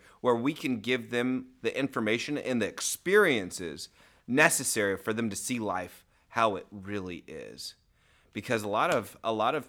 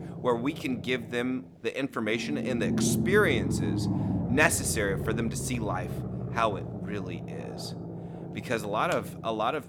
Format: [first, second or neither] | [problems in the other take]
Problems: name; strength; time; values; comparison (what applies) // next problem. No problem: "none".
first | low rumble; noticeable; throughout; 10 dB below the speech